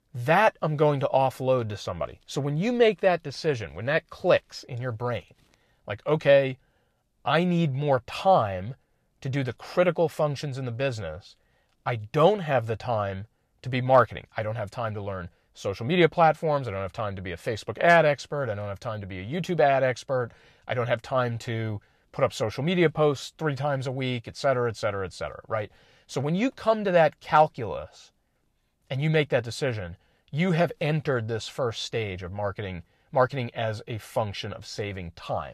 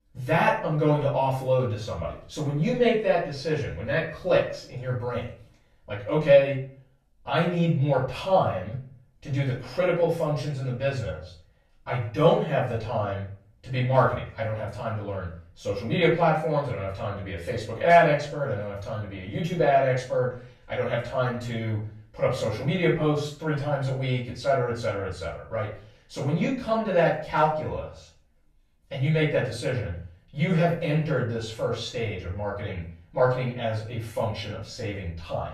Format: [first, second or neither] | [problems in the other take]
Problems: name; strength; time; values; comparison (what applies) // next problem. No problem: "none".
first | off-mic speech; far // room echo; noticeable; dies away in 0.4 s